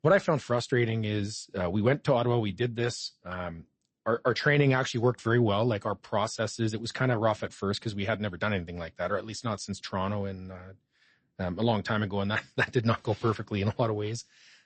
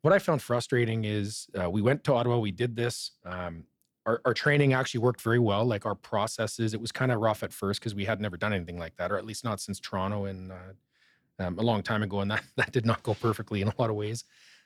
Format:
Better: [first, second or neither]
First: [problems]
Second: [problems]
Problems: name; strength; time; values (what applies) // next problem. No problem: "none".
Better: second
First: garbled, watery; slightly; nothing above 8 kHz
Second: none